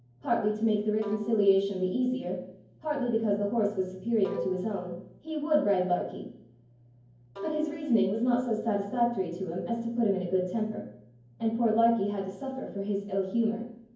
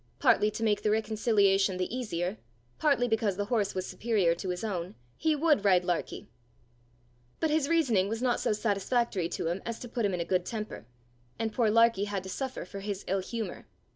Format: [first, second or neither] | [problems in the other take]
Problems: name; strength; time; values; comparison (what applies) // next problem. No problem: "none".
second | background sound (Bowed string instrument); 17 dB below the speech // room echo; dies away in 0.9 s